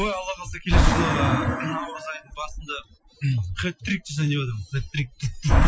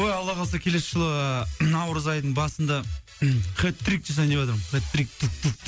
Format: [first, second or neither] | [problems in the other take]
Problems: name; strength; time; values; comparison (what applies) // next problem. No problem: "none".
second | noise reduction (classical method Wiener filter)